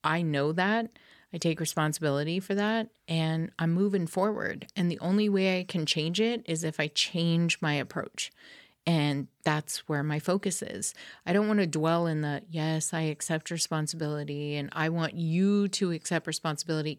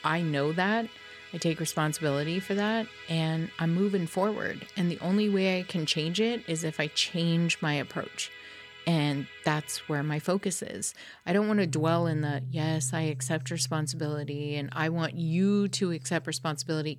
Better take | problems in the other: first | background music; noticeable; throughout; 15 dB below the speech

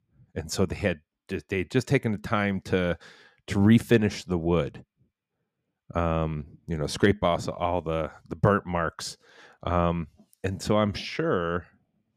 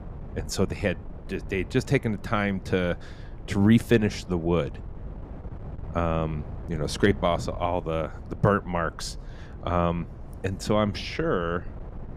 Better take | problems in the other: first | wind noise on the microphone; occasional gusts; 20 dB below the speech

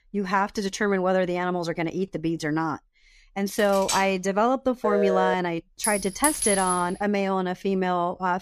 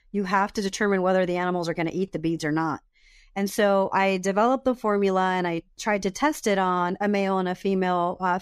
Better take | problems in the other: second | clattering dishes; noticeable; at 3.5 s; peak 4 dB below the speech // phone ringing; noticeable; at 5 s; peak level with the speech // clattering dishes; loud; at 6 s; peak 2 dB above the speech

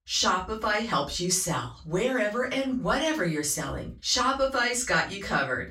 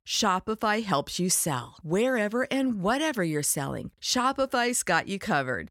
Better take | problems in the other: second | room echo; slight; dies away in 0.2 s // off-mic speech; far

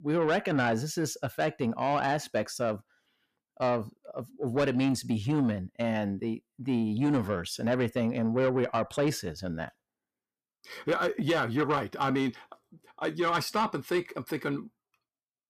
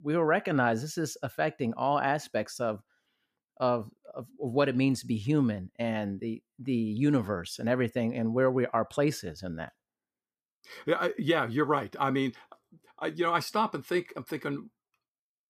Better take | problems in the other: second | distortion; slight; 10 dB below the speech

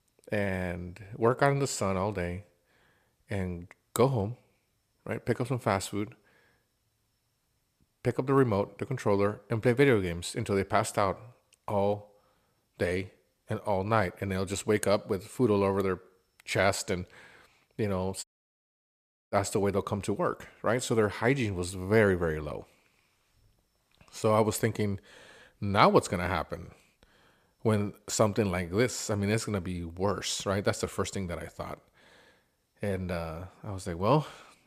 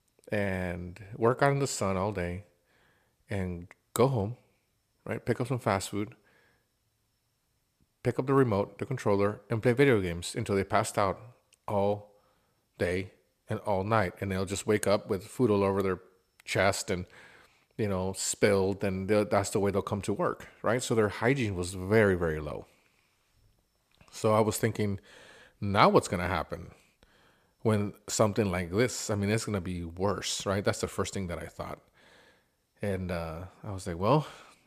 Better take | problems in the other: second | audio cutting out; at 18 s for 1 s

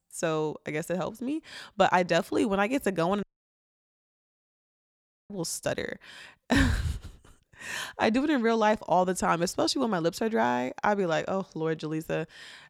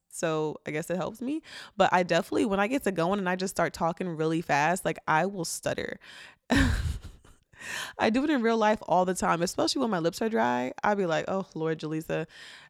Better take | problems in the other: second | audio cutting out; at 3 s for 2 s

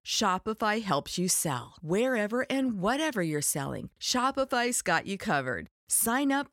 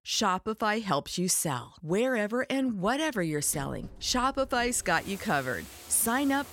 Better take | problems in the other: first | household noises; noticeable; from 3 s on; 20 dB below the speech

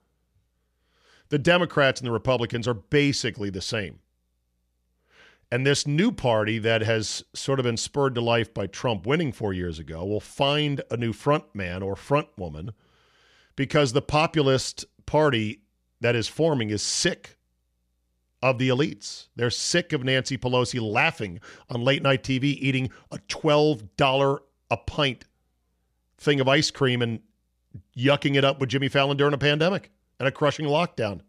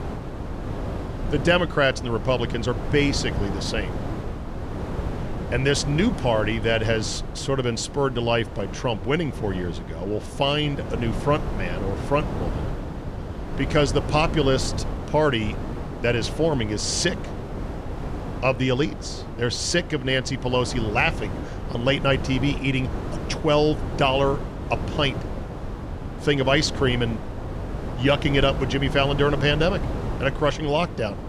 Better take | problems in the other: first | wind noise on the microphone; occasional gusts; 10 dB below the speech

